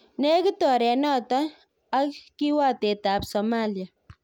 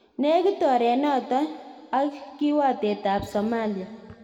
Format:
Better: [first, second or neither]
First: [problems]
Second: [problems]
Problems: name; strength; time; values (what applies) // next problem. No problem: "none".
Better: first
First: none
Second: room echo; dies away in 2.1 s